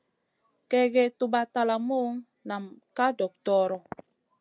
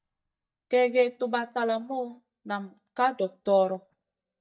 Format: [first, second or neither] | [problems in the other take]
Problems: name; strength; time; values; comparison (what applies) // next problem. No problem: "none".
first | noise reduction (neural mask model DeepFilterNet 3)